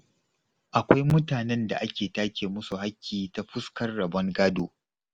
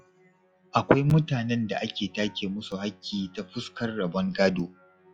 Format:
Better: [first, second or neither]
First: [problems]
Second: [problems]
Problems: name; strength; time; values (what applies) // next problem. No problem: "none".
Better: first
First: none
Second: noise reduction (classical method log-MMSE)